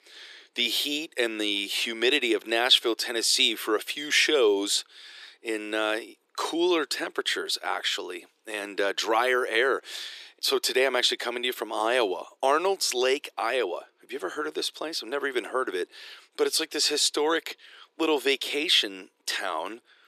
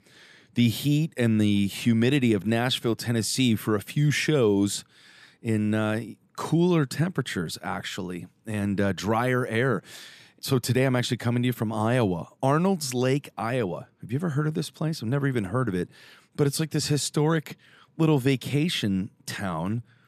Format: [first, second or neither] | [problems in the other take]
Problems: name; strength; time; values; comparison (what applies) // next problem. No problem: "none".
second | thin; very; fading below 350 Hz